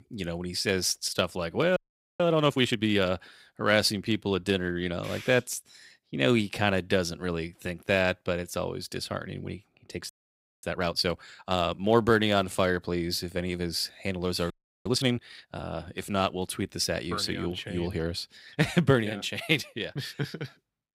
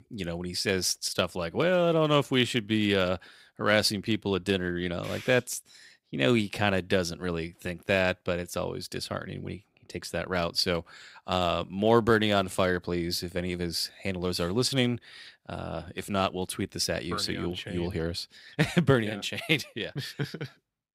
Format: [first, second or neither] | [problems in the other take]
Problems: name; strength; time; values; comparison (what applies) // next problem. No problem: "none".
second | audio freezing; at 2 s, at 10 s for 0.5 s and at 15 s